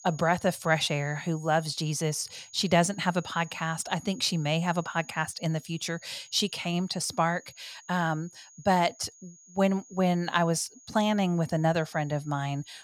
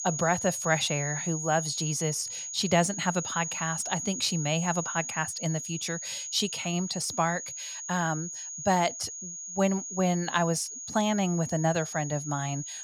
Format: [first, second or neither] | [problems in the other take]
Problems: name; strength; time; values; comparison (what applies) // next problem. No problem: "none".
first | high-pitched whine; loud; throughout; 6.5 kHz, 5 dB below the speech; faint in the first